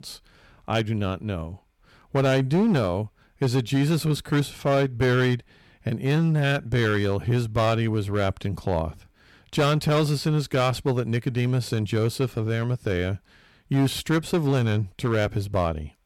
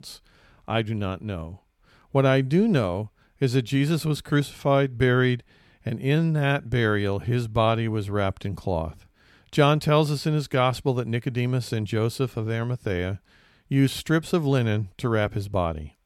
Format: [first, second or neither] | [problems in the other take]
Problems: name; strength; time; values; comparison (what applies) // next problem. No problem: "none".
second | distortion; slight; 7% of the sound clipped